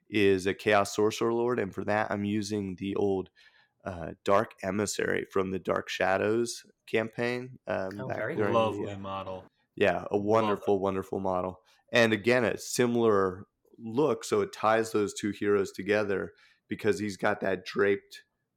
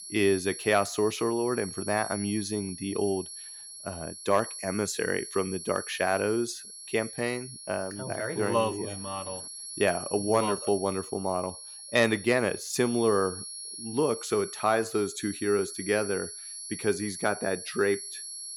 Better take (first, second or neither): first